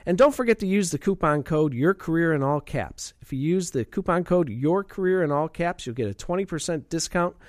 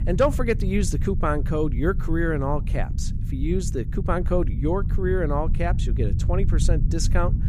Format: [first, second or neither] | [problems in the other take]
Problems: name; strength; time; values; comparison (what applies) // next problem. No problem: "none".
first | low rumble; noticeable; throughout; 15 dB below the speech